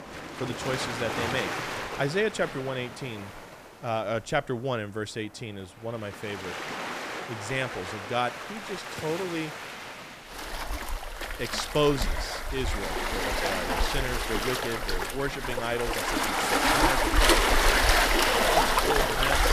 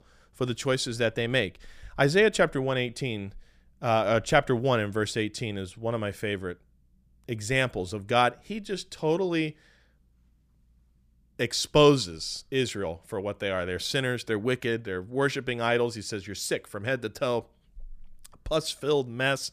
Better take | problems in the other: second | rain or running water; very loud; throughout; 5 dB above the speech

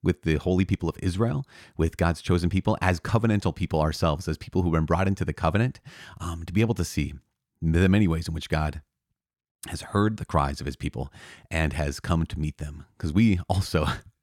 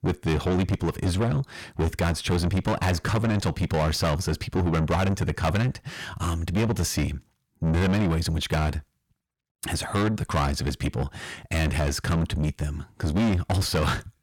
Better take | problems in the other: first | distortion; heavy; 6 dB below the speech

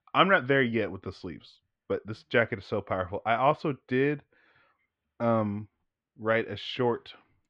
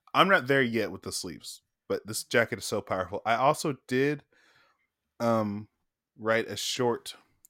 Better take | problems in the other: second | muffled; very; fading above 3 kHz

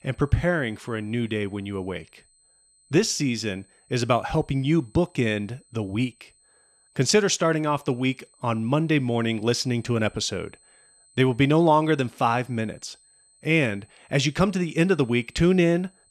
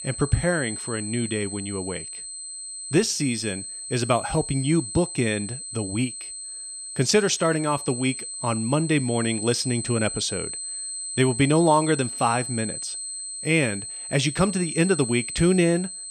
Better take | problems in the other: first | high-pitched whine; loud; throughout; 8 kHz, 7 dB below the speech; faint in the first

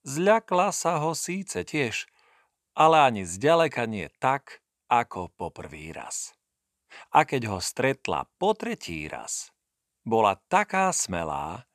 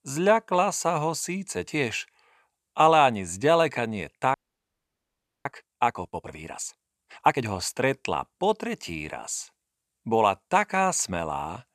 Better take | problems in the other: first | audio freezing; at 4.5 s for 1 s

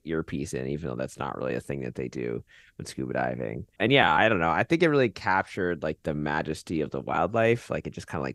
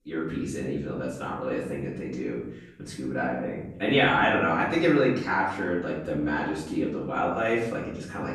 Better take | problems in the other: first | off-mic speech; far // room echo; noticeable; dies away in 0.6 s

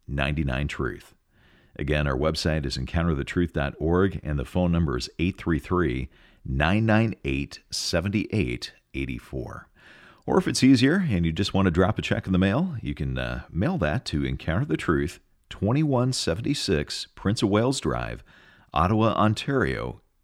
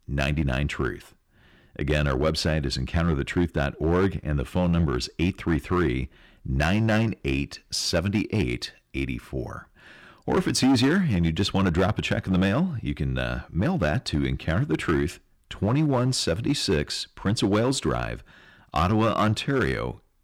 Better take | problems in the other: first | distortion; slight; 5% of the sound clipped

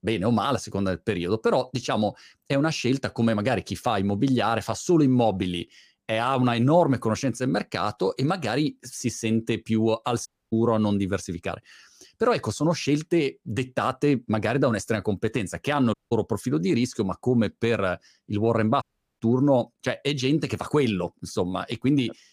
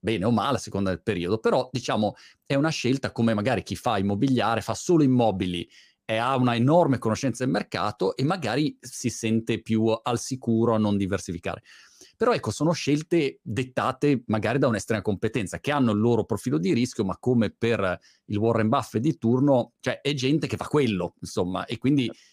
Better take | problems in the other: second | audio cutting out; at 10 s, at 16 s and at 19 s

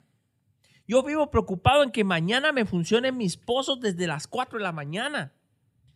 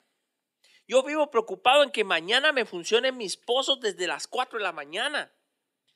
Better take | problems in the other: first | thin; somewhat; fading below 300 Hz

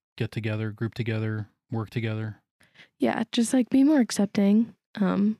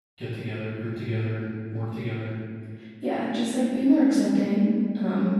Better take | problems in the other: first | off-mic speech; far // room echo; strong; dies away in 2 s

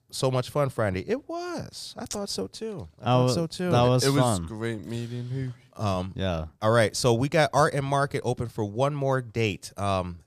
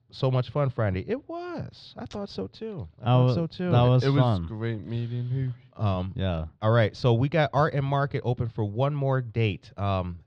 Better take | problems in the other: first | muffled; slightly; fading above 3.5 kHz

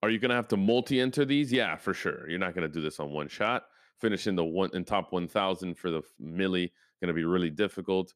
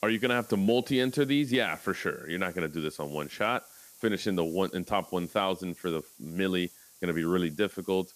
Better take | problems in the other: first | hiss; faint; throughout; 20 dB below the speech

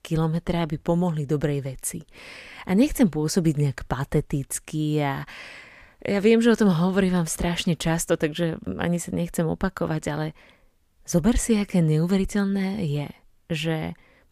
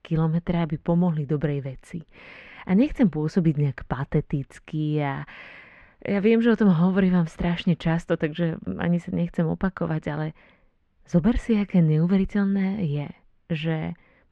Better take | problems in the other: first | muffled; very; fading above 2.5 kHz

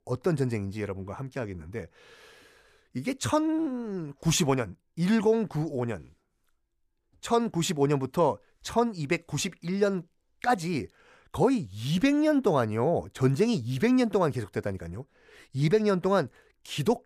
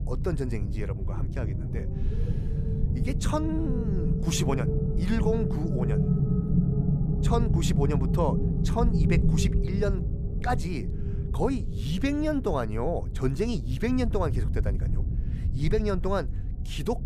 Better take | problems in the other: first | low rumble; loud; throughout; 6 dB below the speech

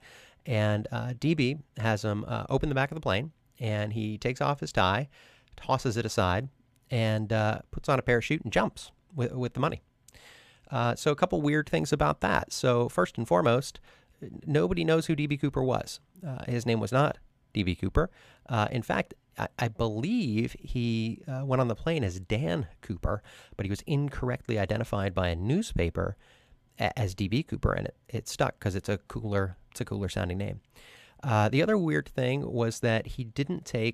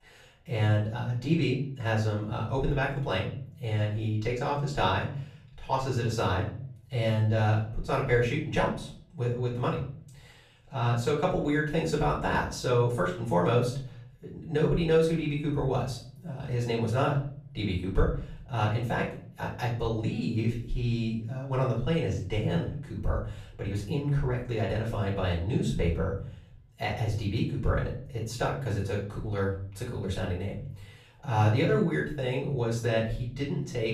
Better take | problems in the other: first | room echo; slight; dies away in 0.5 s // off-mic speech; far

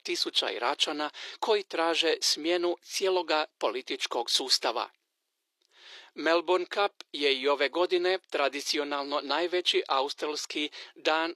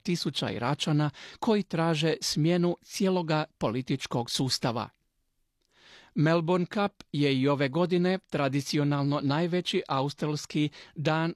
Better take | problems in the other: second | thin; very; fading below 350 Hz

